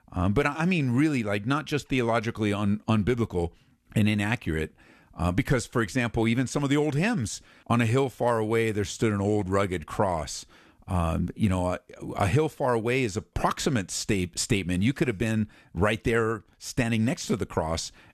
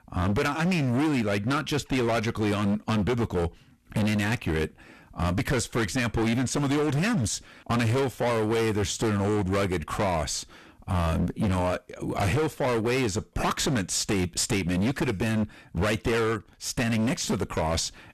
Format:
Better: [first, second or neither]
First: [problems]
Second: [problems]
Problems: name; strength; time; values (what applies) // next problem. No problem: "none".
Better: first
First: none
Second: distortion; heavy; 24% of the sound clipped